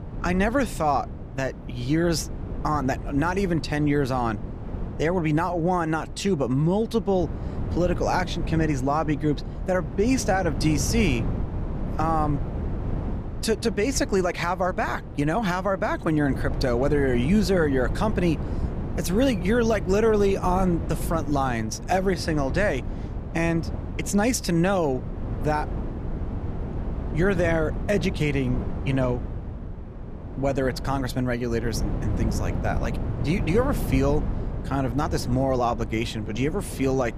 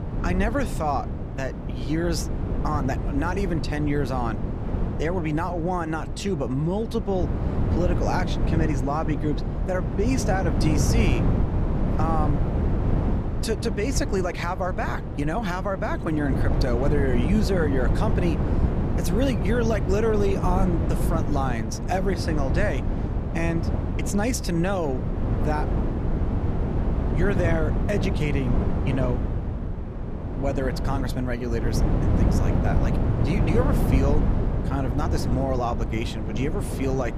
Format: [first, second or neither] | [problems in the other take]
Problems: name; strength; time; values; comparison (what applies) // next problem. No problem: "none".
first | wind noise on the microphone; heavy; 5 dB below the speech; occasional gusts in the first